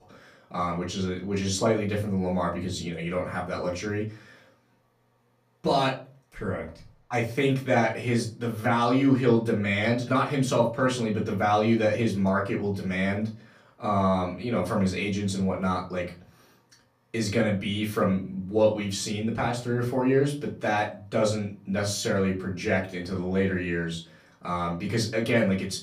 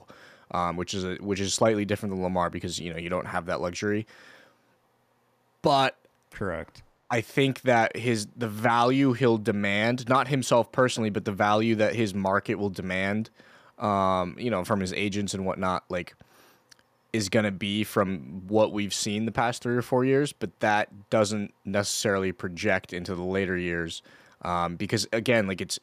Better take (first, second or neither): second